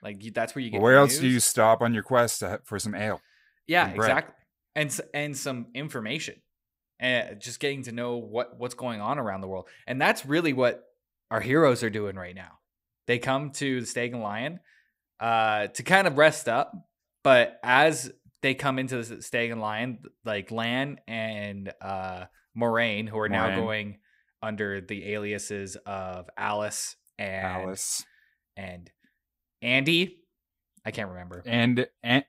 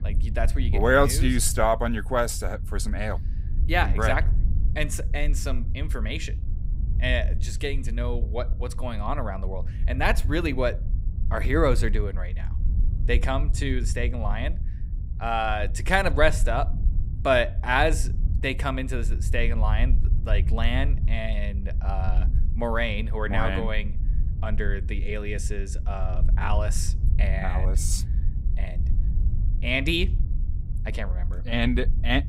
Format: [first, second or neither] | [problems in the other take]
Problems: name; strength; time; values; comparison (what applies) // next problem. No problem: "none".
first | wind noise on the microphone; occasional gusts; 20 dB below the speech